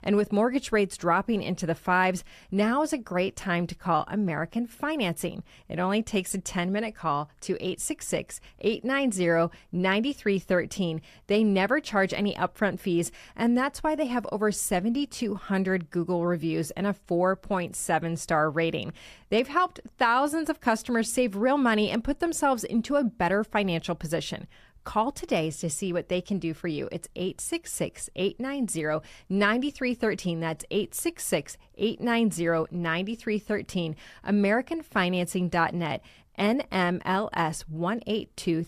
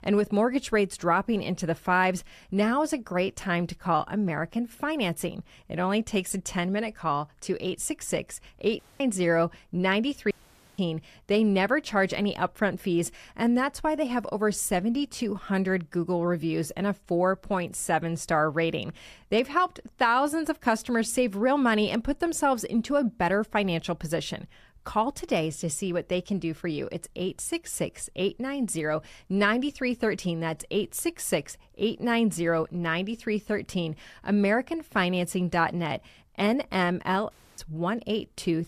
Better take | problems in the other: first | audio cutting out; at 9 s, at 10 s and at 37 s

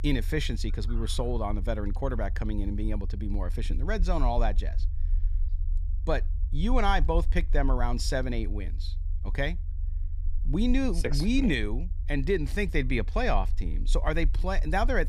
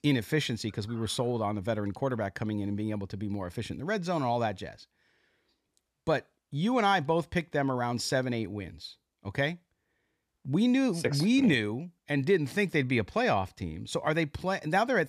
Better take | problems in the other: second | low rumble; faint; throughout; 25 dB below the speech

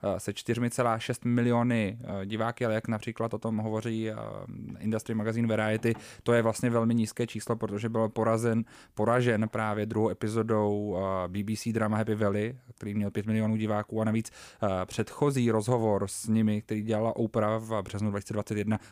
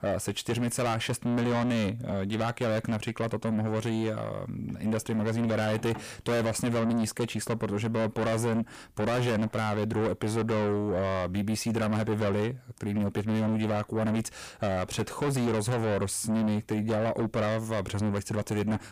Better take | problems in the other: first | distortion; heavy; 7 dB below the speech

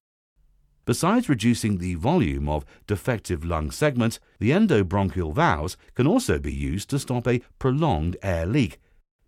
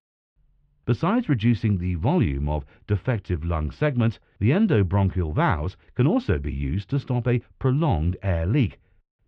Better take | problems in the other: first | muffled; slightly; fading above 3.5 kHz

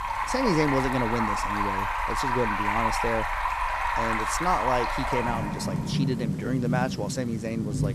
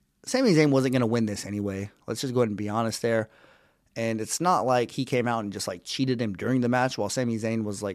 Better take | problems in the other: second | rain or running water; very loud; throughout; 2 dB above the speech

